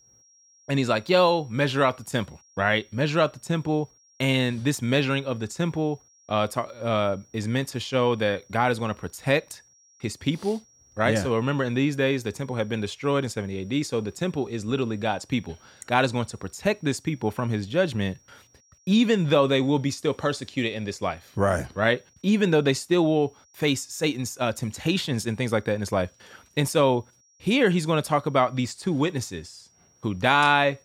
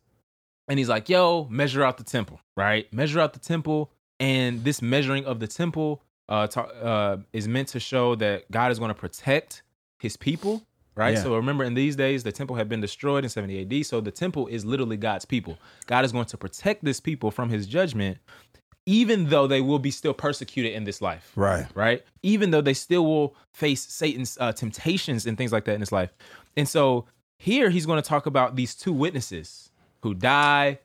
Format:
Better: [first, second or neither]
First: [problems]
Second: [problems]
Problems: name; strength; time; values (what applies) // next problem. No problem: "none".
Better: second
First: high-pitched whine; faint; throughout; 5.5 kHz, 30 dB below the speech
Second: none